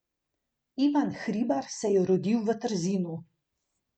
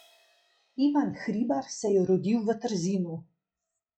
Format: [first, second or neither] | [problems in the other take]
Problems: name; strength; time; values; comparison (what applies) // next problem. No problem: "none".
first | noise reduction (classical method log-MMSE)